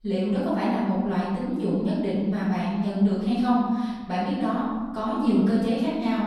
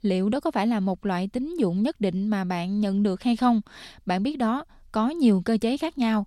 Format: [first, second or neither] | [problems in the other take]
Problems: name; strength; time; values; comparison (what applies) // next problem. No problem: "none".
second | room echo; strong; dies away in 1.3 s // off-mic speech; far